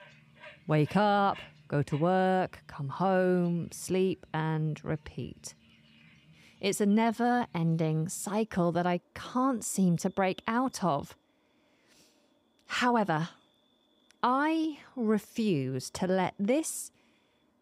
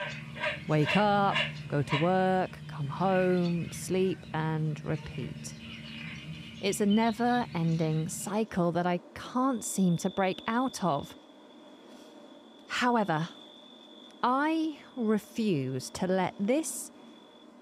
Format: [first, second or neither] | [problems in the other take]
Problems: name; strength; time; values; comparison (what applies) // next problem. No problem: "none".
first | animal sounds; loud; throughout; 10 dB below the speech; faint in the first